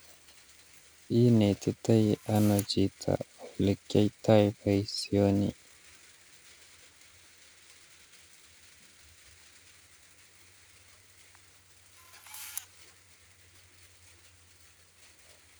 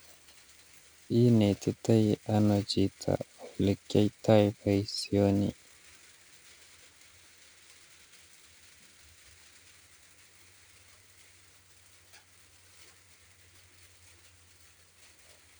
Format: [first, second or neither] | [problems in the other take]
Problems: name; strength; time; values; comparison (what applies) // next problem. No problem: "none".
second | background sound (Camera); 17 dB below the speech